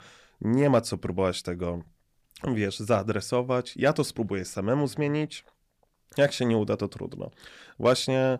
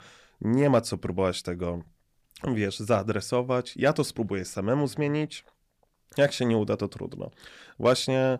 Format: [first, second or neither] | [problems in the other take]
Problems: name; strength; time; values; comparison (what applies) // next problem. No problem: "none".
neither | none